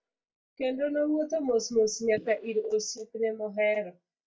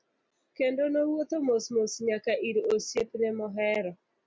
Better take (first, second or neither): second